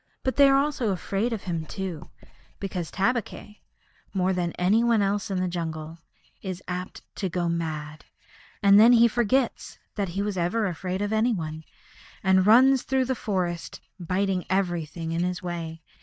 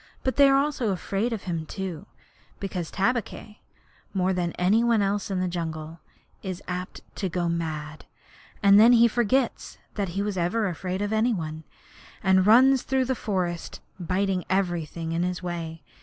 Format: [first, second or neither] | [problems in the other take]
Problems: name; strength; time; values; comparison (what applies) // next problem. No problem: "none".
second | noise reduction (neural mask model DeepFilterNet 3)